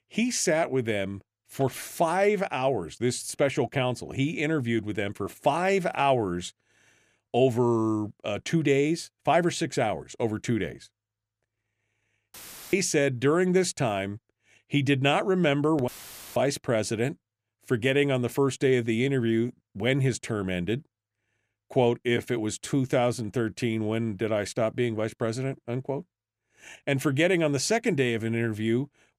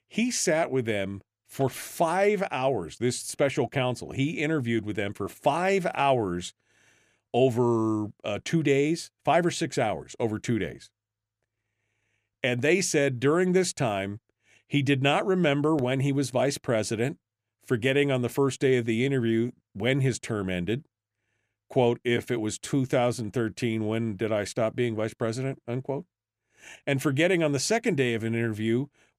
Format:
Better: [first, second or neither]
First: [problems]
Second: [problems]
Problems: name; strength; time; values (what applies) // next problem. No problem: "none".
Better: second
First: audio cutting out; filled with static; at 12 s and at 16 s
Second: none